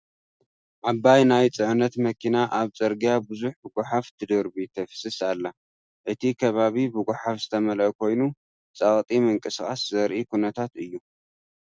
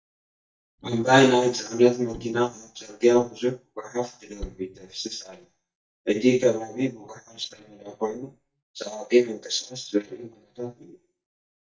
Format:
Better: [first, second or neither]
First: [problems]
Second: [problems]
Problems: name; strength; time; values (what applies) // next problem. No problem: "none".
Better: first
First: none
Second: noise reduction (neural mask model DeepFilterNet 3)